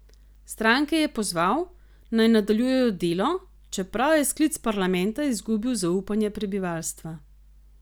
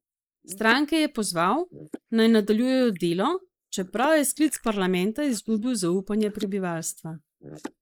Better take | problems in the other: first | noise reduction (neural mask model Resemble Enhance denoiser)

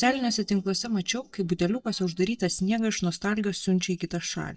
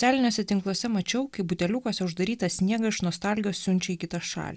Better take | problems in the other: second | noise reduction (neural mask model DeepFilterNet 3)

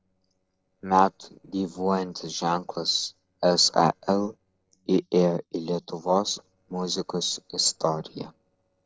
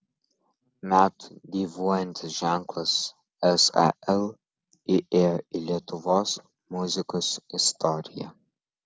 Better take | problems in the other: second | noise reduction (neural separator model SepFormer DNS4)

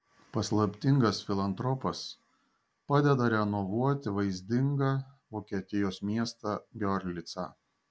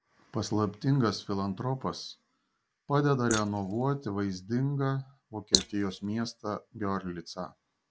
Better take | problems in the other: first | noise reduction (neural mask model Resemble Enhance denoiser)

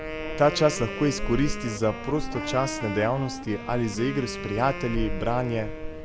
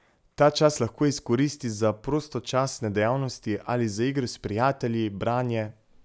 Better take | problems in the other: second | background sound (Wind instrument, woodwind instrument + Subway, metro, underground); 5 dB below the speech

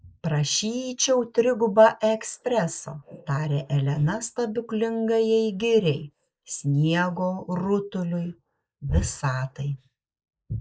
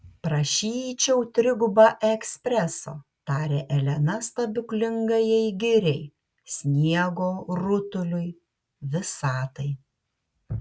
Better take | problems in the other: second | noise reduction (neural mask model Resemble Enhance denoiser)

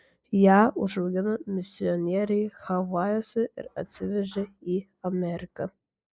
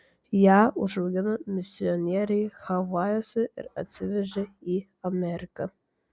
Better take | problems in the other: second | noise reduction (neural mask model Resemble Enhance denoiser)

